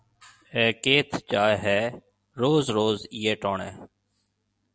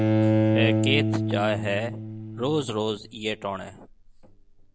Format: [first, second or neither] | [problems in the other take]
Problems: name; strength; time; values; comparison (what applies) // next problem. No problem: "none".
first | background sound (Bowed string instrument); 3 dB above the speech